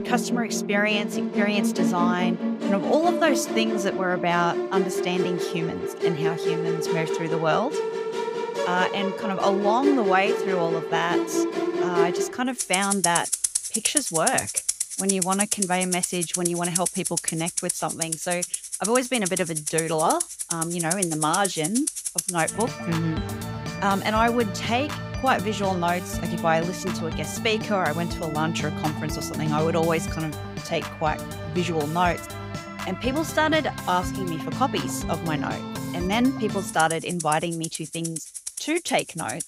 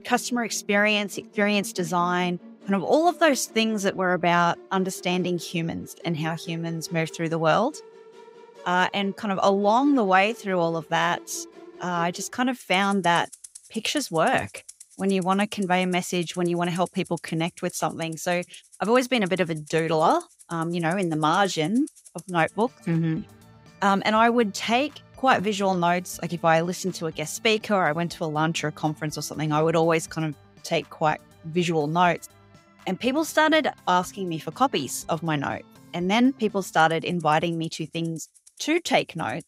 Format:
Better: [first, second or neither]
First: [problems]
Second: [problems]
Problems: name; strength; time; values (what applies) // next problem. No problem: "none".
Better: second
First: background music; loud; throughout; 2 dB below the speech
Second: background music; faint; throughout; 25 dB below the speech